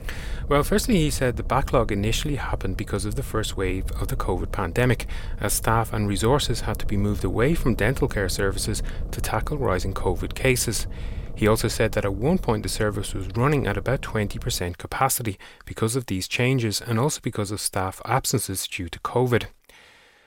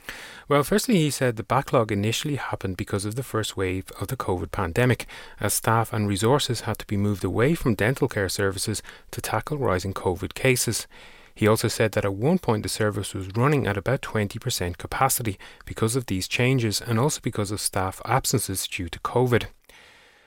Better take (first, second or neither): second